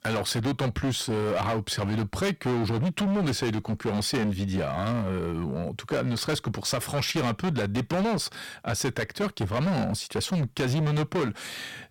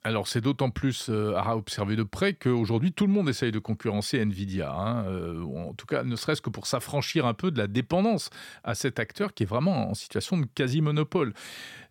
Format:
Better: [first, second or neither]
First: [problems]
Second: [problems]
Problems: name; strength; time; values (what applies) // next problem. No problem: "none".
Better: second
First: distortion; heavy; 22% of the sound clipped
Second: none